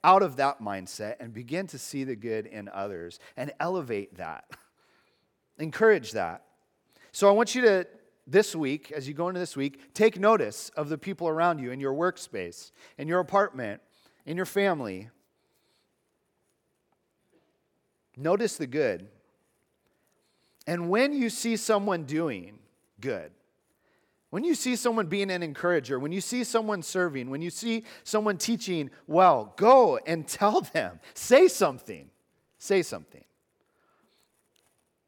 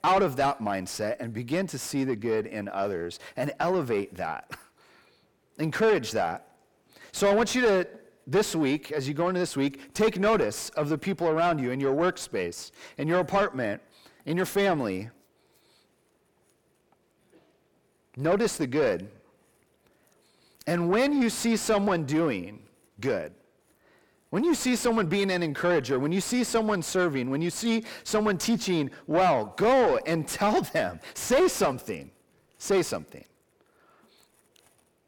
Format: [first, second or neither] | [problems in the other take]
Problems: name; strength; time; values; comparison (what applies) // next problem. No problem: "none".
first | distortion; heavy; 6 dB below the speech